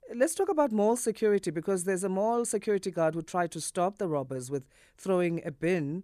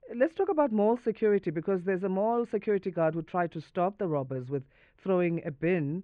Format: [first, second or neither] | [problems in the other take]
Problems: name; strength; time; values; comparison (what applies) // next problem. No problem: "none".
first | muffled; very; fading above 2.5 kHz